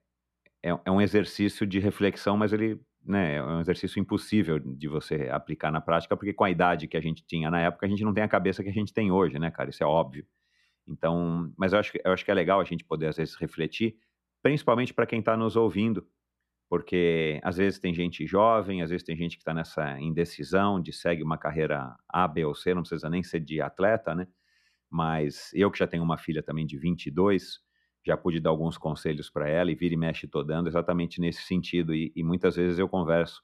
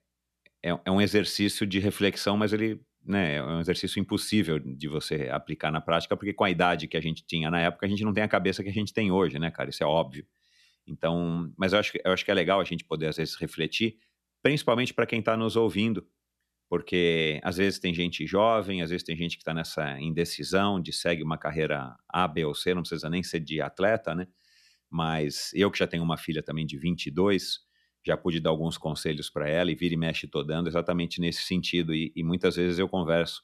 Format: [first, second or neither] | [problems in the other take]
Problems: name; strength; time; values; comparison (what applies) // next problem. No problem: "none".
second | muffled; slightly; fading above 2.5 kHz